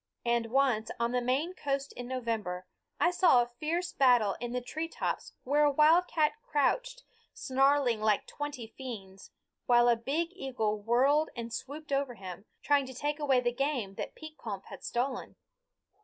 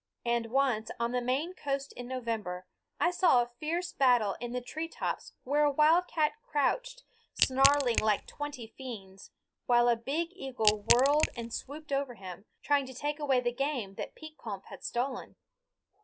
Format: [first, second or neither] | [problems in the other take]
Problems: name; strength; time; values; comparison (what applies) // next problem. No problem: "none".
first | background sound (Crack / Crushing); 2 dB below the speech